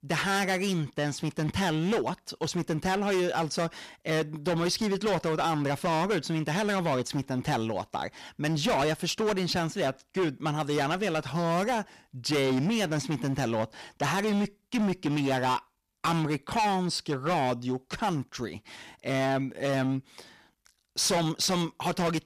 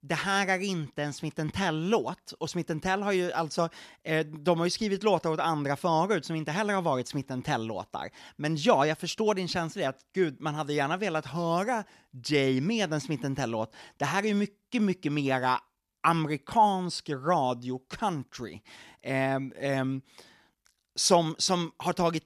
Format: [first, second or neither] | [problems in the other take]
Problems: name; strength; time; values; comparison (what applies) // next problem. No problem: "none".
second | distortion; heavy; 17% of the sound clipped